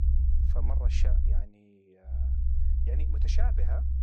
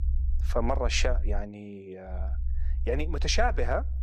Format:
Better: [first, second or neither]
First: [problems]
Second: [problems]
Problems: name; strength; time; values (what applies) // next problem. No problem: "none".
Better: second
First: low rumble; loud; until 1.5 s and from 2 s on; 3 dB below the speech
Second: low rumble; faint; until 1.5 s and from 2 s on; 20 dB below the speech